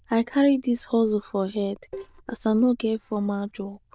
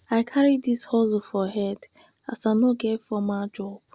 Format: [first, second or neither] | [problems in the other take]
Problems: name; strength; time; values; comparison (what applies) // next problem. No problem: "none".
second | noise reduction (neural diffusion model UNIVERSE++)